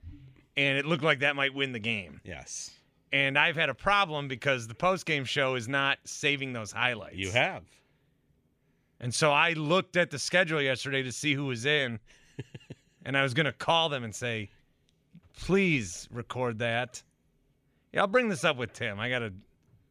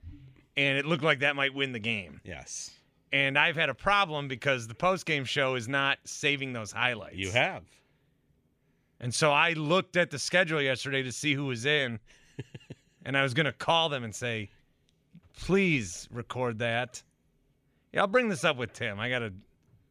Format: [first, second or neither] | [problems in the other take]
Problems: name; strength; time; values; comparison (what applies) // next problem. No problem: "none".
neither | none